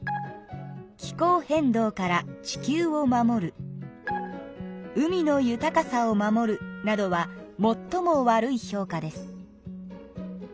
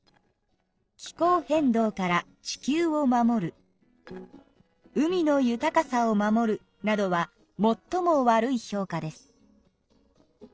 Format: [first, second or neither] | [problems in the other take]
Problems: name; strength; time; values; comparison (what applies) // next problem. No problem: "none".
first | noise reduction (neural separator model SepFormer DNS4)